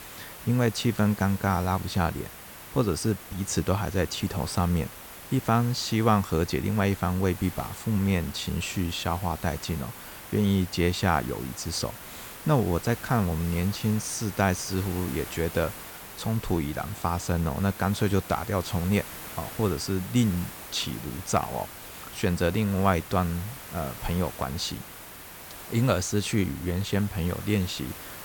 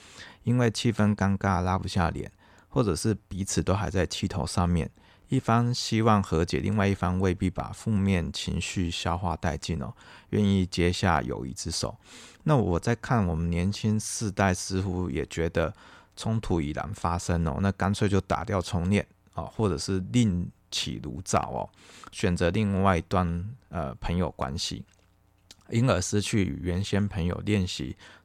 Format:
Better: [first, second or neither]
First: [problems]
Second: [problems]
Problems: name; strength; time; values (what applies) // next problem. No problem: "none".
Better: second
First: hiss; noticeable; throughout; 15 dB below the speech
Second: none